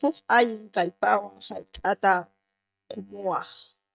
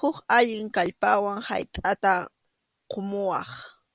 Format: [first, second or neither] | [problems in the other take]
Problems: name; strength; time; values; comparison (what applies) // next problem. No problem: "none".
second | noise reduction (neural mask model DeepFilterNet 3)